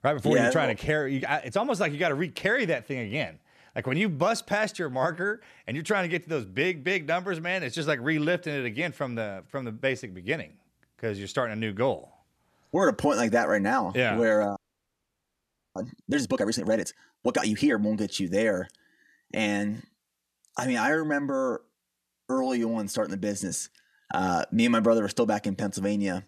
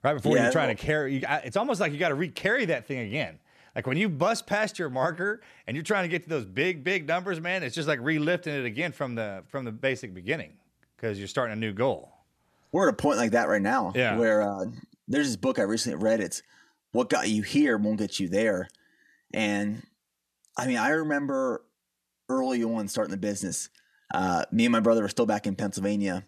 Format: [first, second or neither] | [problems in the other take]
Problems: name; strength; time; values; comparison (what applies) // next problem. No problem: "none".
second | audio freezing; at 15 s for 1 s